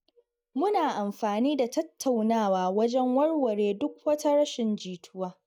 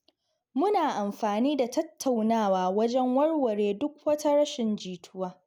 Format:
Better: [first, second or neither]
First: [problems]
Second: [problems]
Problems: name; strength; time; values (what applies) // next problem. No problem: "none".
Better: second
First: noise reduction (neural mask model DeepFilterNet 3)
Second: none